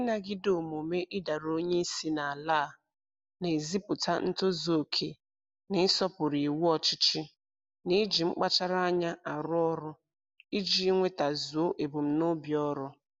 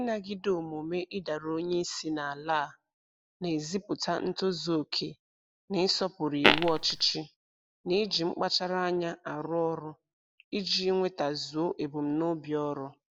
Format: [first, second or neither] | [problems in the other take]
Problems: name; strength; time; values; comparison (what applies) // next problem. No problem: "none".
first | background sound (Fart); 5 dB above the speech